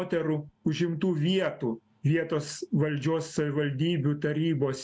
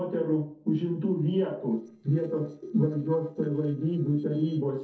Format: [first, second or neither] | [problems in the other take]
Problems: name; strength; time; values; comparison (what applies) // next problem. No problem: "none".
first | noise reduction (neural separator model SepFormer DNS4)